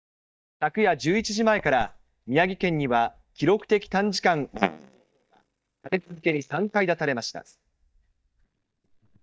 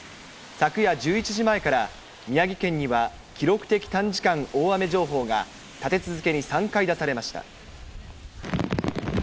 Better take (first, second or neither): second